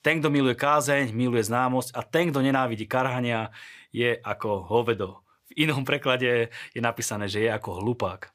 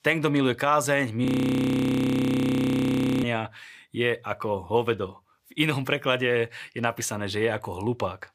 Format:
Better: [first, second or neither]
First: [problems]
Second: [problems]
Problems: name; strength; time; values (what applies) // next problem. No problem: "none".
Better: first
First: none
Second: audio freezing; at 1.5 s for 2 s